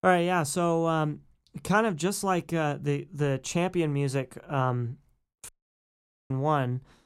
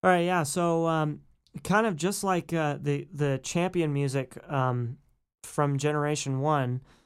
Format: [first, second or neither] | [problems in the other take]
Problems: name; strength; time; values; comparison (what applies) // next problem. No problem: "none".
second | audio cutting out; at 5.5 s for 1 s